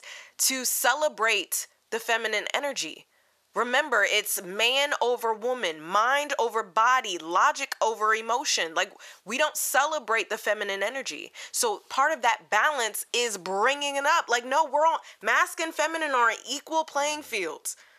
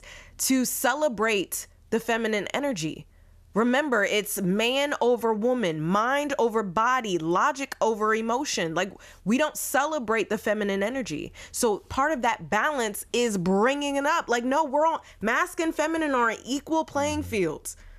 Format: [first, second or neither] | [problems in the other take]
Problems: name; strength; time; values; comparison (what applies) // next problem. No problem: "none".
second | thin; very; fading below 650 Hz